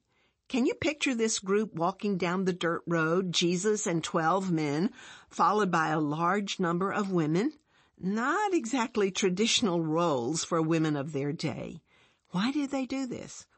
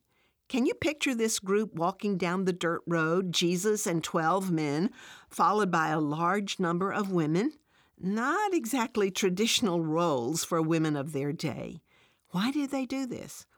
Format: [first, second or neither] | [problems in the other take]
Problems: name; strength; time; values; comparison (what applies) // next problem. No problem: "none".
second | garbled, watery; slightly; nothing above 8 kHz